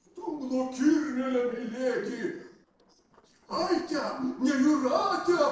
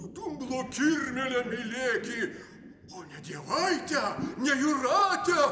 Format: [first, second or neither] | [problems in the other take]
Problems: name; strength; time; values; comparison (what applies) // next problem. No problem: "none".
second | noise reduction (neural separator model SepFormer DNS4)